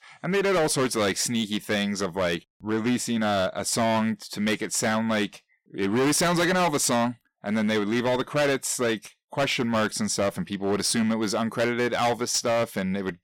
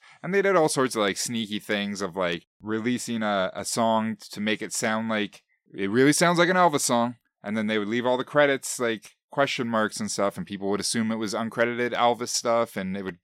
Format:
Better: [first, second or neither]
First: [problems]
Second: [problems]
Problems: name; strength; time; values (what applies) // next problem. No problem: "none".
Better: second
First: distortion; heavy; 13% of the sound clipped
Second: none